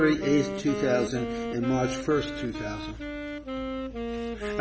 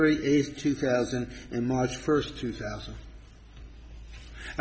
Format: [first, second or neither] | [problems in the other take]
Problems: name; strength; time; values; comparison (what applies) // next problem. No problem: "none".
second | background sound (Wind instrument, woodwind instrument); 4 dB below the speech